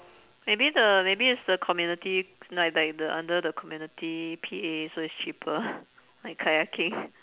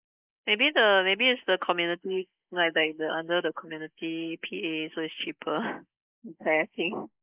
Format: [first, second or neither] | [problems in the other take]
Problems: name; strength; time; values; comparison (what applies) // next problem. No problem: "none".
first | noise reduction (neural mask model Resemble Enhance denoiser)